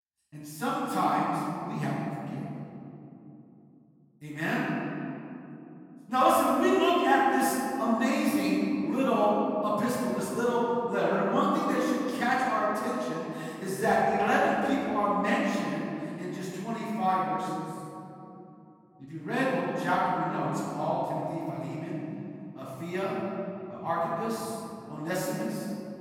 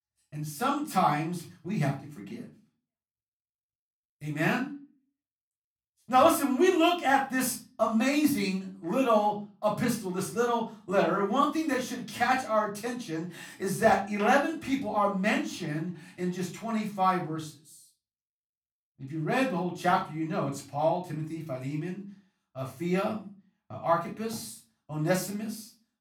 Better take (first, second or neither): second